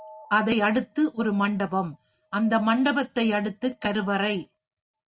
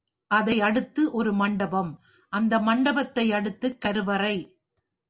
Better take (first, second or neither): second